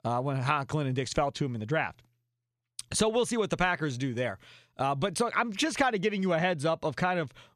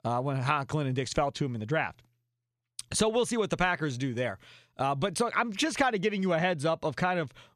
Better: neither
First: none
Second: none

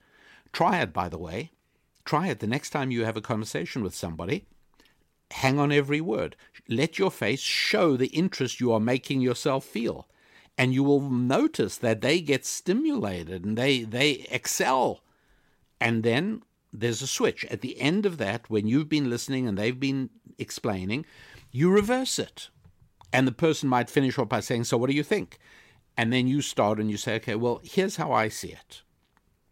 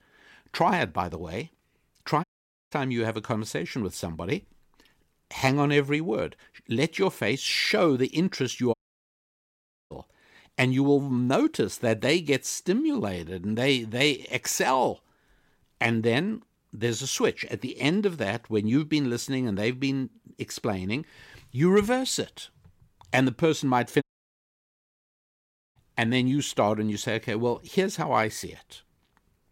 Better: first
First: none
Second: audio cutting out; at 2 s, at 8.5 s for 1 s and at 24 s for 1.5 s

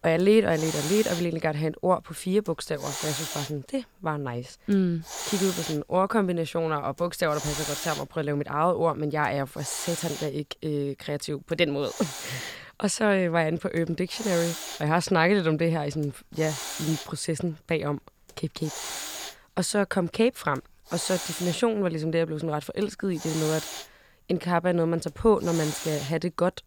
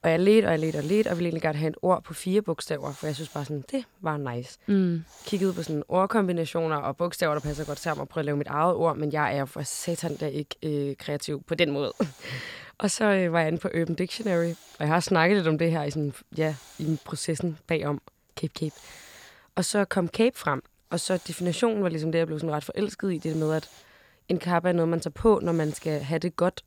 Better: second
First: hiss; loud; throughout; 7 dB below the speech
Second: hiss; faint; throughout; 25 dB below the speech

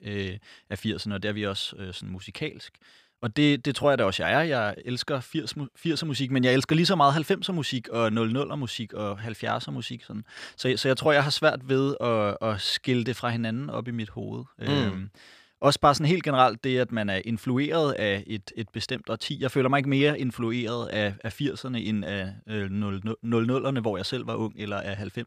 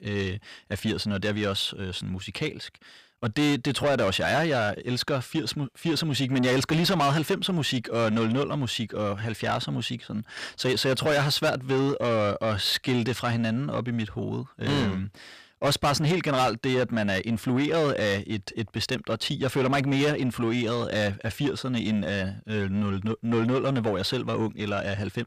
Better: first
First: none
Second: distortion; heavy; 8 dB below the speech

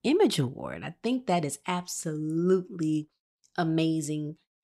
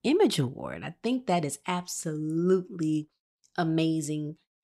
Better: neither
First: none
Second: none

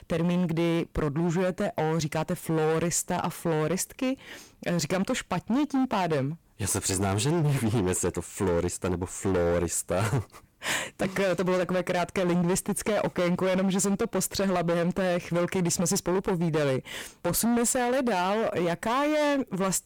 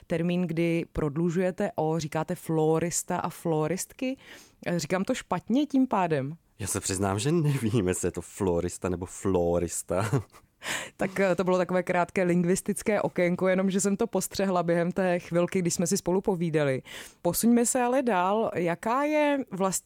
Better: second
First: distortion; heavy; 20% of the sound clipped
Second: none

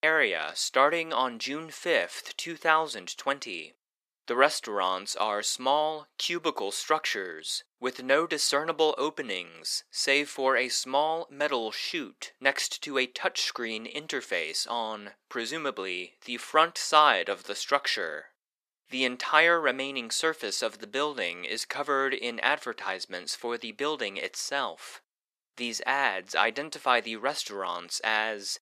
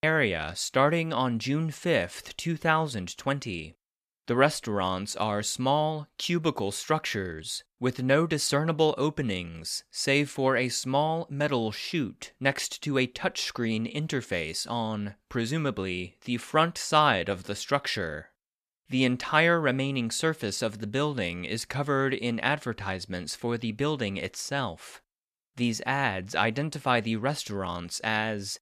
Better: second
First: thin; somewhat; fading below 350 Hz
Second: none

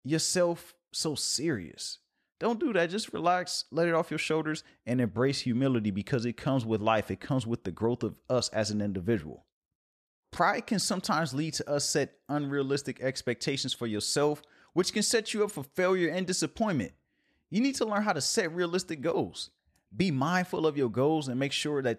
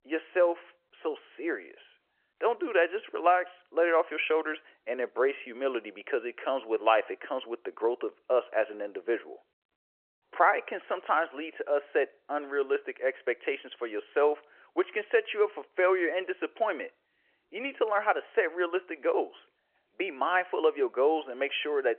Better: first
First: none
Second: phone-call audio

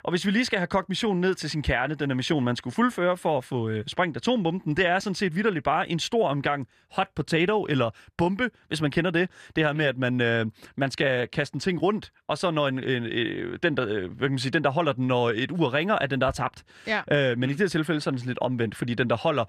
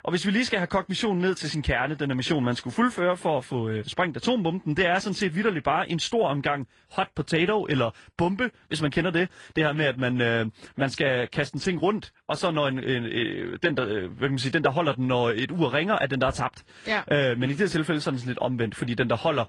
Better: first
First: none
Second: garbled, watery; slightly; nothing above 10 kHz

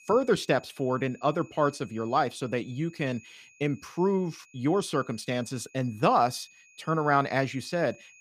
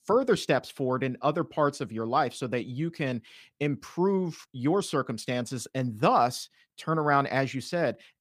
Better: second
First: high-pitched whine; faint; throughout; 2.5 kHz, 25 dB below the speech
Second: none

